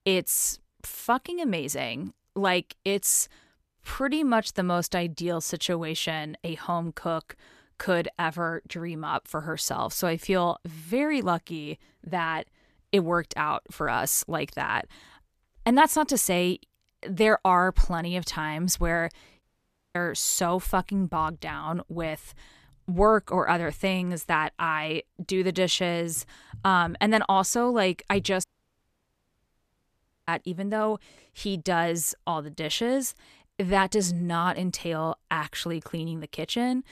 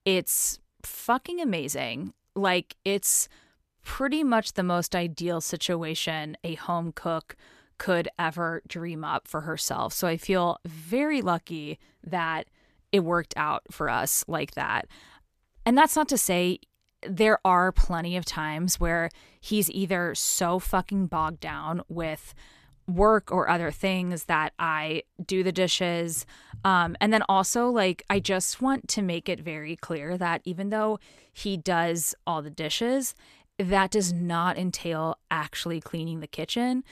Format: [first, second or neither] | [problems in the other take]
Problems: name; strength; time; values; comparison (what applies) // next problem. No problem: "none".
second | audio cutting out; at 19 s for 0.5 s and at 28 s for 2 s